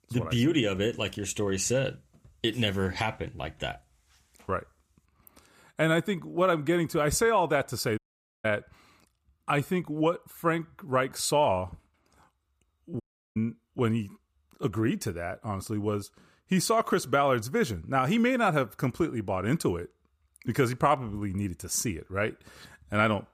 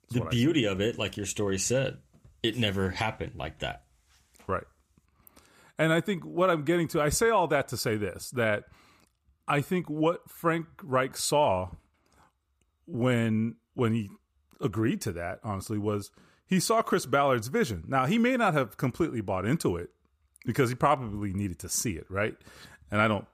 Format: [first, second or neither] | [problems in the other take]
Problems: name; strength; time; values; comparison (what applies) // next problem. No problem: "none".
second | audio cutting out; at 8 s and at 13 s